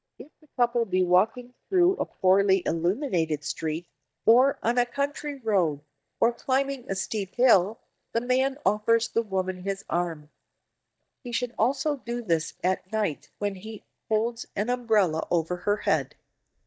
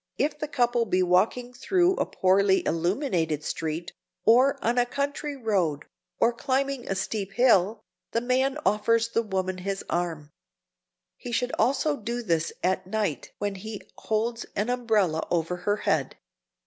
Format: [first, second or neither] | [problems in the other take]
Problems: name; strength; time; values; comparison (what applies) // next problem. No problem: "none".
second | noise reduction (neural mask model DeepFilterNet 3)